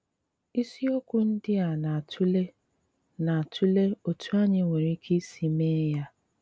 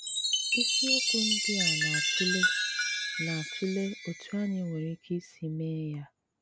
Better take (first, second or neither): first